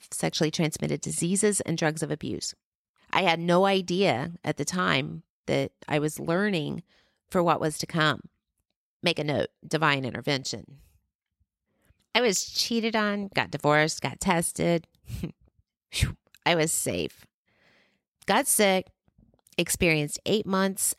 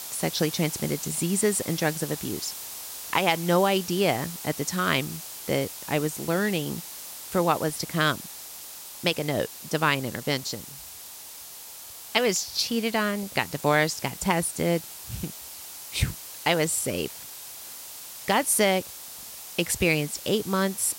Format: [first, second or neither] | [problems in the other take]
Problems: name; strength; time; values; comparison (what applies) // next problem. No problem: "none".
first | hiss; noticeable; throughout; 10 dB below the speech